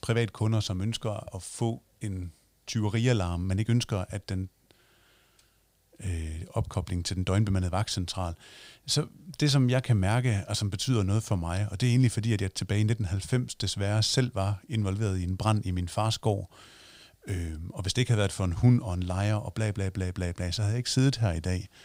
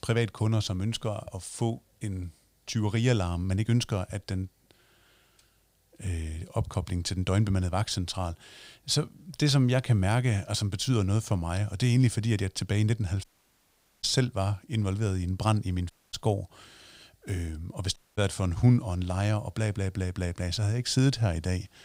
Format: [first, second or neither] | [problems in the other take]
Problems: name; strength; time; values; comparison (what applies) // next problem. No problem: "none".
first | audio cutting out; at 13 s for 1 s, at 16 s and at 18 s